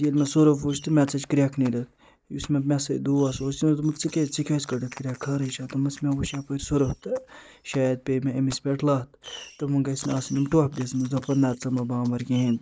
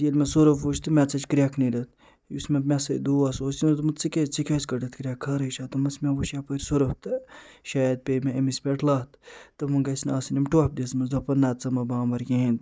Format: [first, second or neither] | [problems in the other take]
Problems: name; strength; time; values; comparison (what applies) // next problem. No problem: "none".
second | noise reduction (neural mask model Resemble Enhance denoiser)